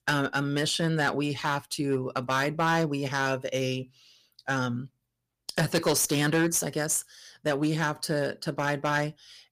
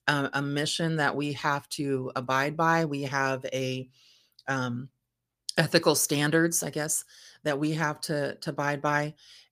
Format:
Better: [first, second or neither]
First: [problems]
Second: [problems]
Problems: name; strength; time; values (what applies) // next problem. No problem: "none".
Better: second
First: distortion; slight; 4% of the sound clipped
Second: none